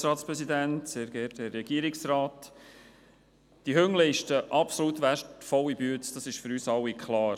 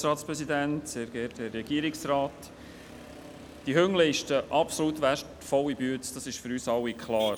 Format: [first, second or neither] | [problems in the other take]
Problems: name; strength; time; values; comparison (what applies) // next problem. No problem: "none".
first | background sound (Motor vehicle (road)); 18 dB below the speech